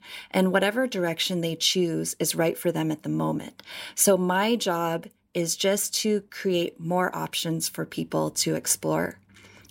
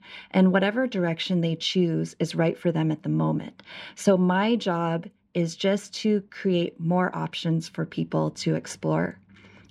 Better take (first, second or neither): first